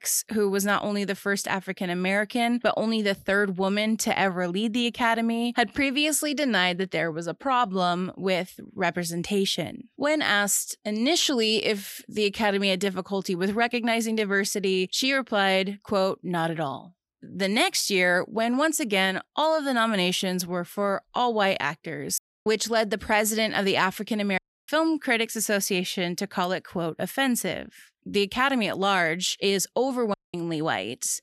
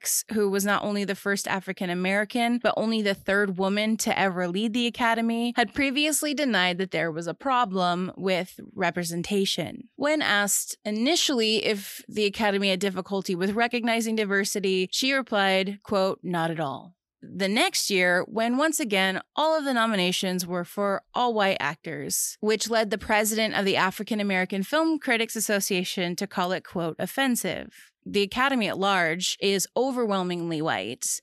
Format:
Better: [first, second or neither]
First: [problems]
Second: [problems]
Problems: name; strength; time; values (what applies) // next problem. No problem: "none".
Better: second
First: audio cutting out; at 22 s, at 24 s and at 30 s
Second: none